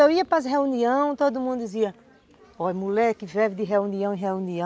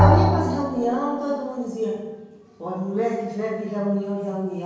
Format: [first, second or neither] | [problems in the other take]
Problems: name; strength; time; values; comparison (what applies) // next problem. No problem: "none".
first | background sound (Drum); 1 dB above the speech // room echo; dies away in 1 s